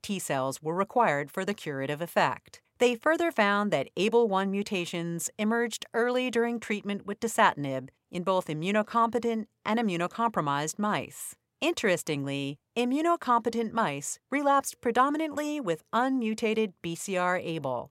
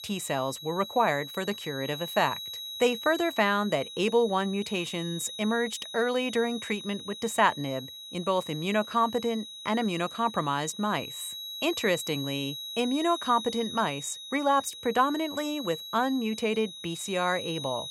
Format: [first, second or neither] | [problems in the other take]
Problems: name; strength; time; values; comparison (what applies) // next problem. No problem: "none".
first | high-pitched whine; loud; throughout; 4 kHz, 9 dB below the speech